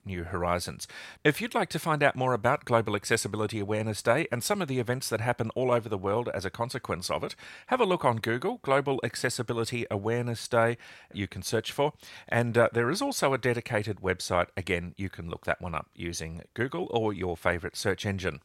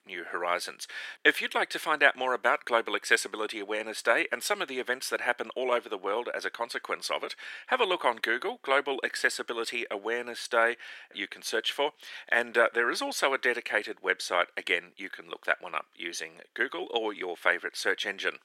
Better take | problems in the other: first | thin; very; fading below 300 Hz

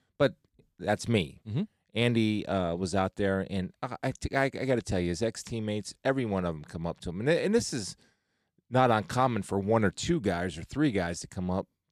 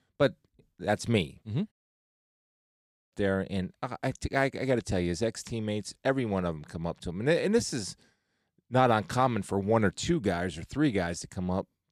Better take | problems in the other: first | audio cutting out; at 1.5 s for 1.5 s

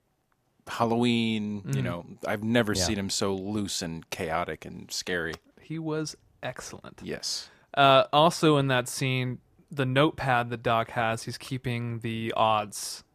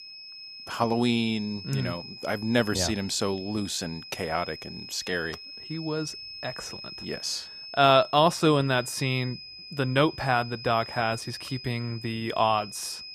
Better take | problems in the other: first | high-pitched whine; noticeable; throughout; 5 kHz, 15 dB below the speech

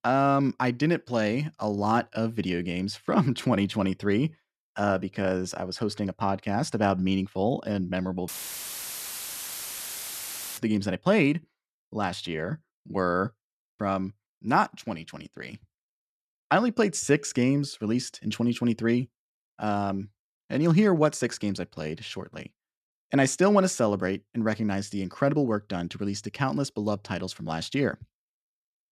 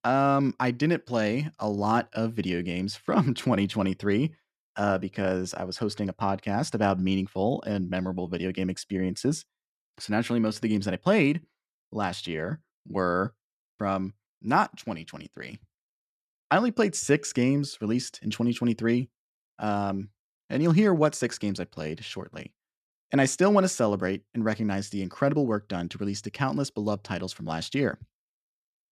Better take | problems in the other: second | audio cutting out; filled with static; at 8.5 s for 2.5 s

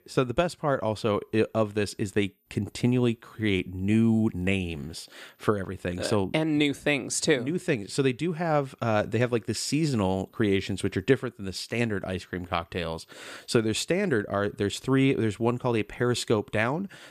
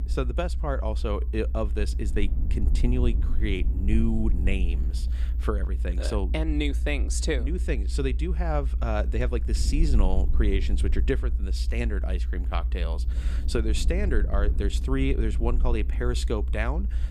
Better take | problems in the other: first | low rumble; noticeable; throughout; 15 dB below the speech

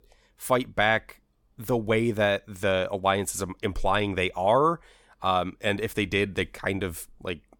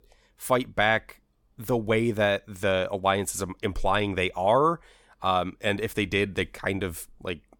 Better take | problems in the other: neither | none

